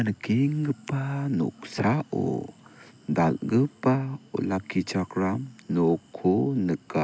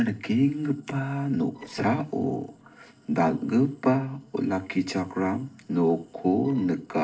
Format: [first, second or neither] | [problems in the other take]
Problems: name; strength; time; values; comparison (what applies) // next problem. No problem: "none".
first | noise reduction (neural separator model SepFormer DNS4)